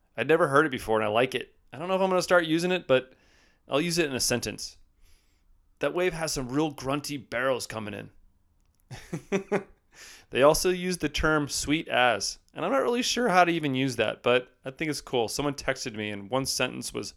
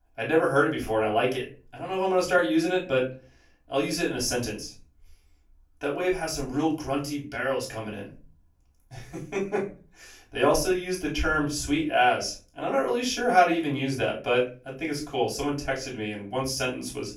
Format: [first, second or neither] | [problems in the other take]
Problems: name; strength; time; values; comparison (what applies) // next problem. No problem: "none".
first | off-mic speech; far // room echo; slight; dies away in 0.3 s